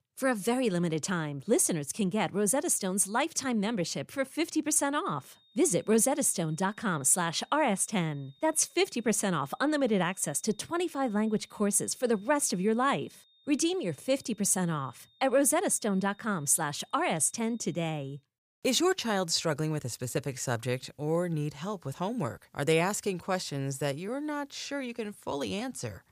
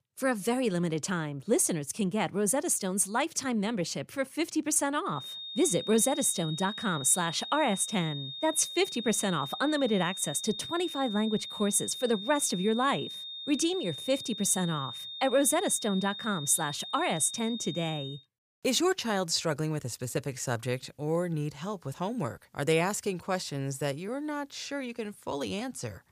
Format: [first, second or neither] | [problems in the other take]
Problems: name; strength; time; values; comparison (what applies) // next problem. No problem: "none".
first | high-pitched whine; loud; from 5 to 18 s; 3.5 kHz, 8 dB below the speech; faint in the first